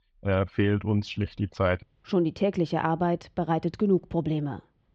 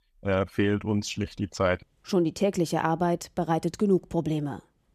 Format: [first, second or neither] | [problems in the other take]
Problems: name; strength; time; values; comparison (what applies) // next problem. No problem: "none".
second | muffled; slightly; fading above 4 kHz